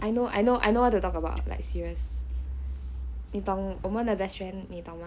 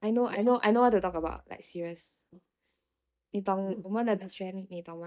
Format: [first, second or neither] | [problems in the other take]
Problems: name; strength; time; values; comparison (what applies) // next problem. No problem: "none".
first | noise reduction (neural mask model DeepFilterNet 3)